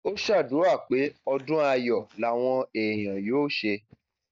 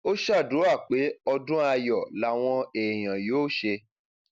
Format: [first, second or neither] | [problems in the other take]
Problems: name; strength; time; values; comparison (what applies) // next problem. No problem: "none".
second | noise reduction (neural mask model DeepFilterNet 3)